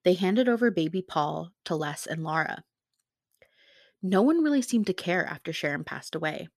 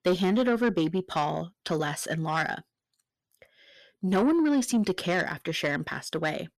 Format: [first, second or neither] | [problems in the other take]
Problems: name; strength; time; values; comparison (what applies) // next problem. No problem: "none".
first | distortion; slight; 10 dB below the speech